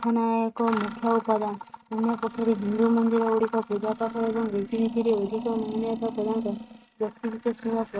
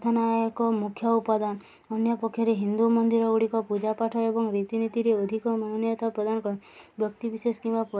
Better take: second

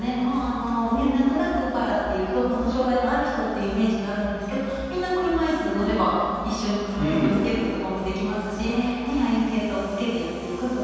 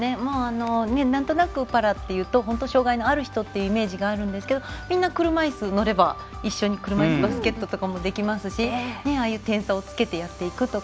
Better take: second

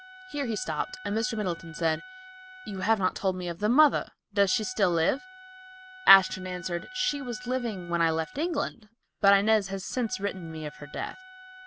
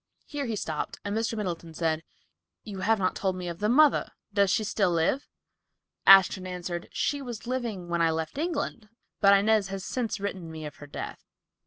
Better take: second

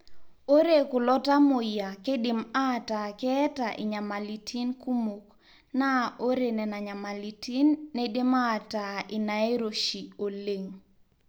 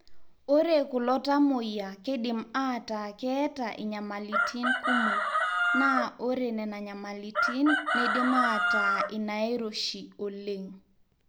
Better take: first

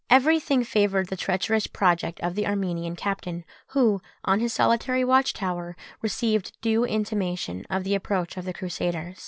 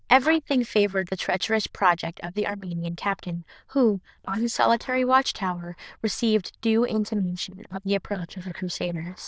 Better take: first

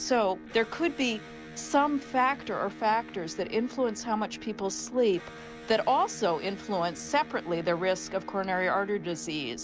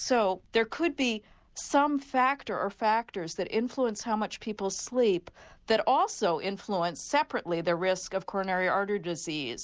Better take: second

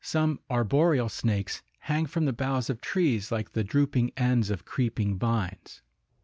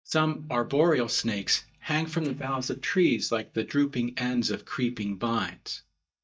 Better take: first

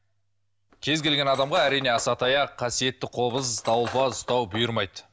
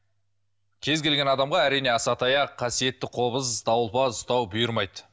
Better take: second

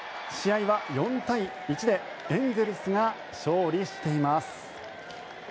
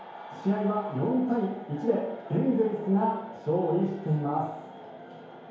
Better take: first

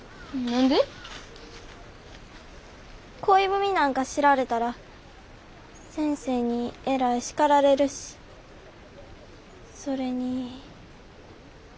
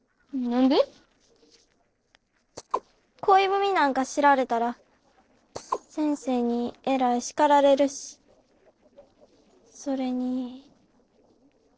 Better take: first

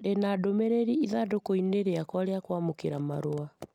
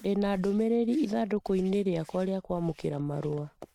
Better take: first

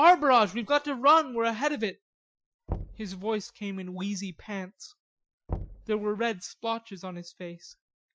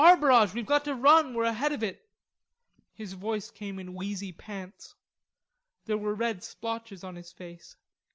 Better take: second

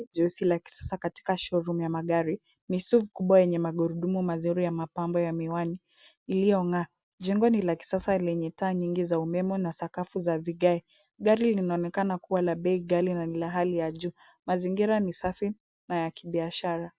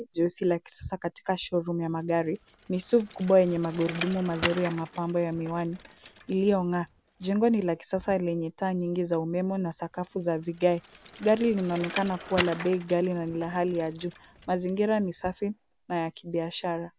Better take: first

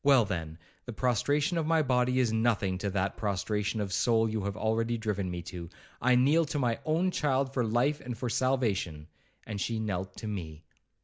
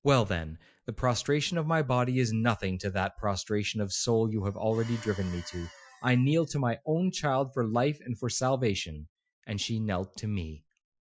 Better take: first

